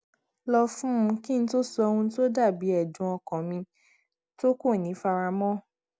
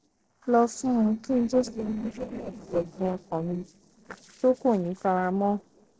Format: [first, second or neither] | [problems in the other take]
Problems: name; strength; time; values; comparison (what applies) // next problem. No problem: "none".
first | noise reduction (neural separator model SepFormer DNS4)